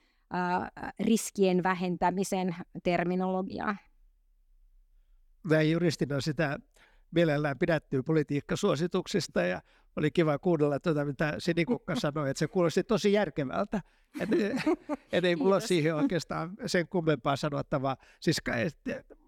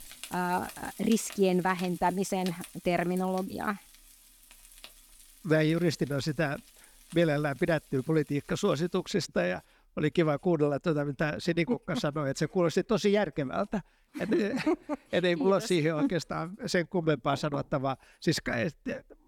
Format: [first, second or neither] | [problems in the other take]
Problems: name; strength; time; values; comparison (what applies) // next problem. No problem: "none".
first | household noises; noticeable; throughout; 20 dB below the speech